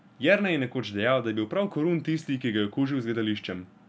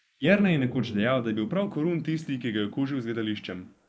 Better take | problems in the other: first | noise reduction (neural mask model Resemble Enhance denoiser)

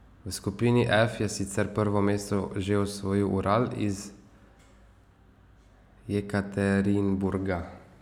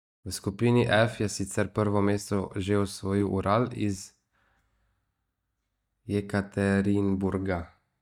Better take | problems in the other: first | noise reduction (neural mask model DeepFilterNet 3)

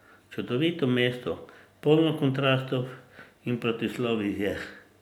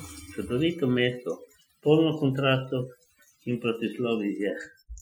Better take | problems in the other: first | noise reduction (classical method Wiener filter)

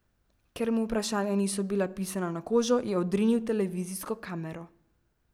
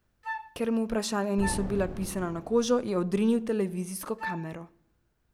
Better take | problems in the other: first | background sound (Boom + Wind instrument, woodwind instrument); 9 dB below the speech

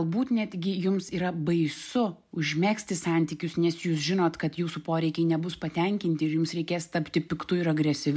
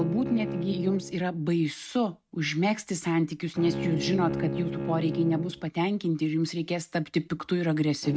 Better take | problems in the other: first | noise reduction (neural mask model RNNoise)

